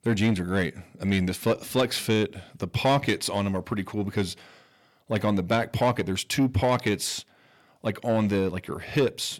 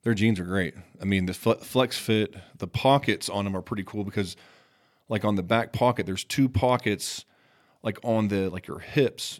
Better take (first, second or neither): second